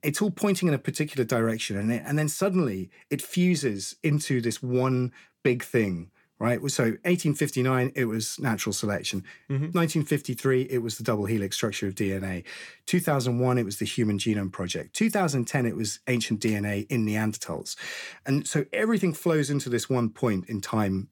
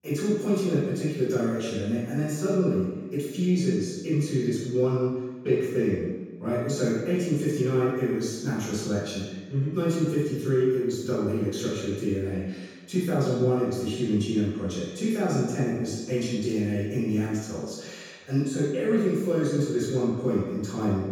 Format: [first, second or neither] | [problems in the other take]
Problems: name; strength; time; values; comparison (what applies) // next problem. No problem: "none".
first | room echo; strong; dies away in 1.2 s // off-mic speech; far